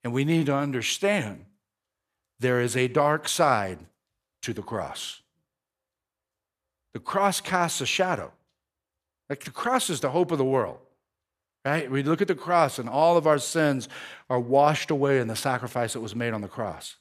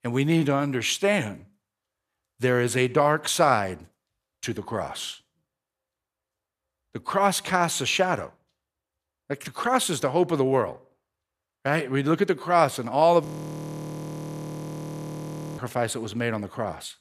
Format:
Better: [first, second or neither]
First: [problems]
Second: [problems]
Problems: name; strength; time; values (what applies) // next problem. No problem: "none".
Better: first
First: none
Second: audio freezing; at 13 s for 2.5 s